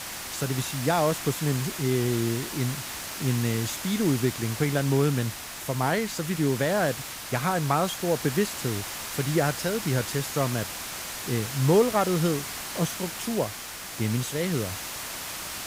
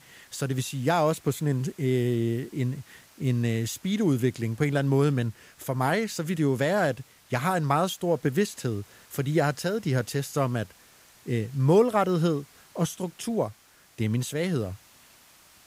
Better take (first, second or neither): second